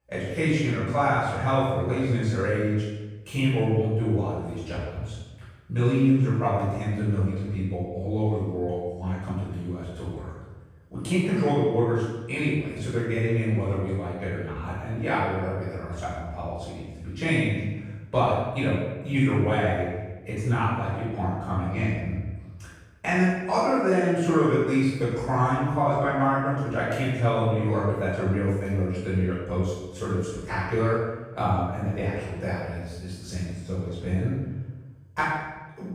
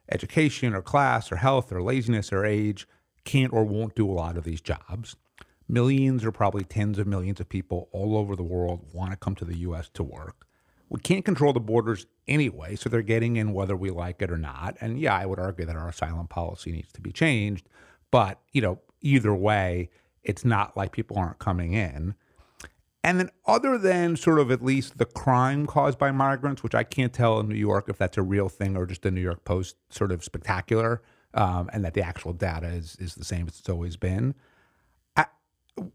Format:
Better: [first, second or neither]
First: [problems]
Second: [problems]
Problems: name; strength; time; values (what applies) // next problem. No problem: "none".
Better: second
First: off-mic speech; far // room echo; strong; dies away in 1 s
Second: none